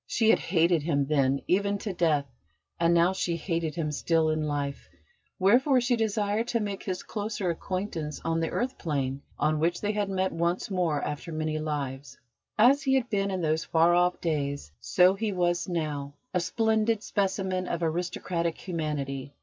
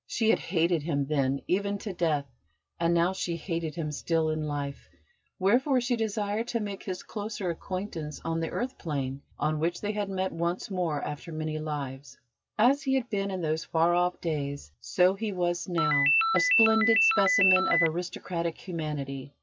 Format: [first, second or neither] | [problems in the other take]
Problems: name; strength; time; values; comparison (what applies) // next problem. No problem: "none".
first | background sound (Ringtone); 3 dB above the speech